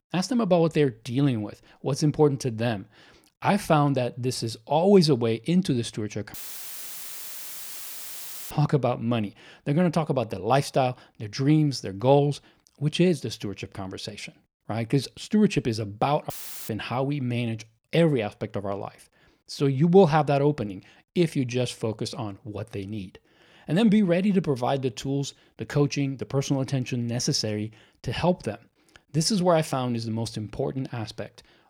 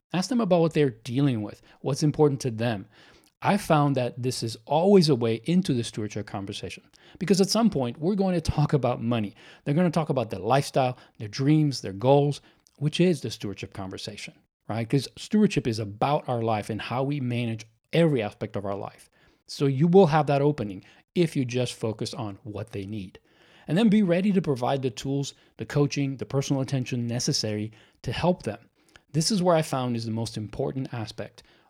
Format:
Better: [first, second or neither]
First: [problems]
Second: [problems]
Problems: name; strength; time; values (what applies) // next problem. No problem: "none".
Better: second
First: audio cutting out; filled with static; at 6.5 s for 2 s and at 16 s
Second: none